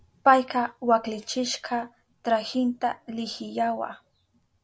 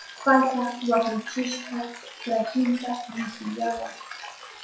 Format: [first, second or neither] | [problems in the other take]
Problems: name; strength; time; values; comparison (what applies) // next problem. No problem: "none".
first | noise reduction (classical method WPE with log-MMSE)